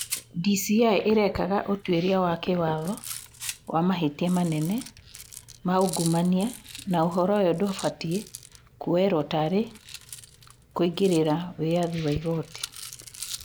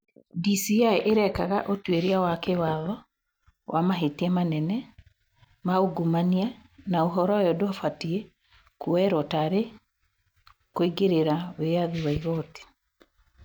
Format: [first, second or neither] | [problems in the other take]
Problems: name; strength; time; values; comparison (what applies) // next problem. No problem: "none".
second | background sound (Rattle); 16 dB below the speech